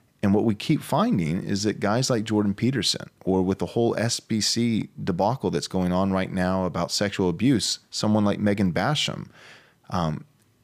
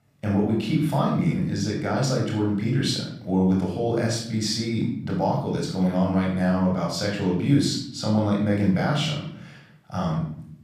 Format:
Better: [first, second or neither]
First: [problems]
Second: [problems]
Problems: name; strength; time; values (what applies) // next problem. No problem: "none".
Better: first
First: none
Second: off-mic speech; far // room echo; noticeable; dies away in 0.6 s